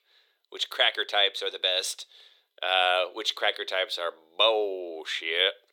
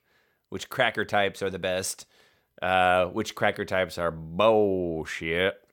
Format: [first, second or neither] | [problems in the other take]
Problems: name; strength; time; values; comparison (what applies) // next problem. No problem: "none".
second | thin; very; fading below 350 Hz